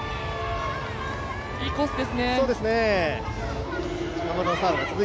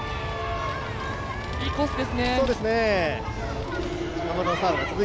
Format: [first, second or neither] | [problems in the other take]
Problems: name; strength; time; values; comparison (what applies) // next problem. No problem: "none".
first | background sound (Vehicle); 12 dB below the speech